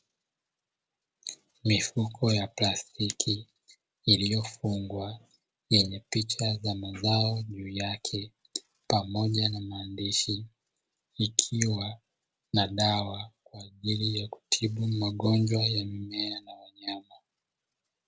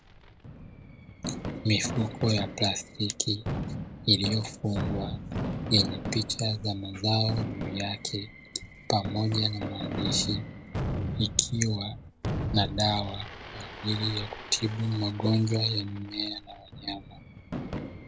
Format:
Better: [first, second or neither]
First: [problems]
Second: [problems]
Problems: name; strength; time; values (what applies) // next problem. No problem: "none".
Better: first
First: none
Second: background sound (Fireworks); 6 dB below the speech